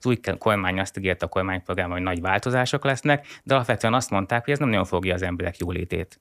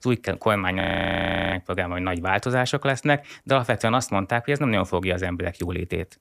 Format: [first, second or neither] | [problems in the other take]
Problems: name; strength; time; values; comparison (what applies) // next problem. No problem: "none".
first | audio freezing; at 1 s for 0.5 s